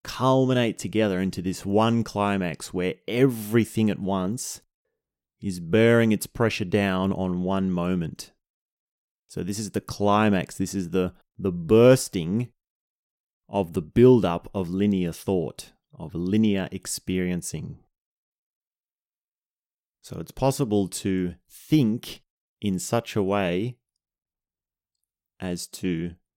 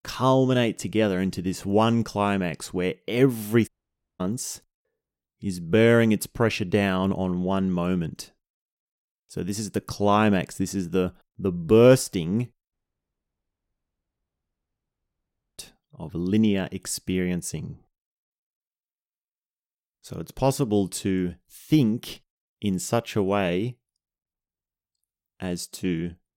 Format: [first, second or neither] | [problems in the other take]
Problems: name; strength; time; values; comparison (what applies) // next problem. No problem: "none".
first | audio cutting out; at 3.5 s for 0.5 s and at 13 s for 3 s